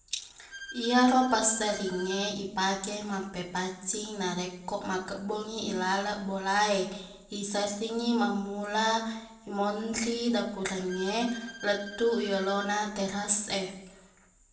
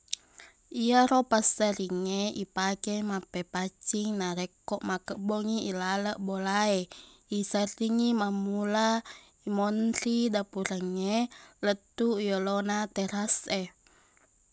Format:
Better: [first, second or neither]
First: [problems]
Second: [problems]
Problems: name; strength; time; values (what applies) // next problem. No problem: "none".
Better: second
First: background sound (Bowed string instrument); 14 dB below the speech // room echo; dies away in 0.6 s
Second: none